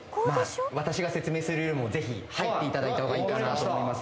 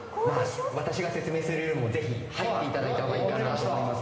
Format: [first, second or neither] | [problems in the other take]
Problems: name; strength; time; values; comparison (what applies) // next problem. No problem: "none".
first | background sound (Brass instrument); 19 dB below the speech // room echo; dies away in 2.2 s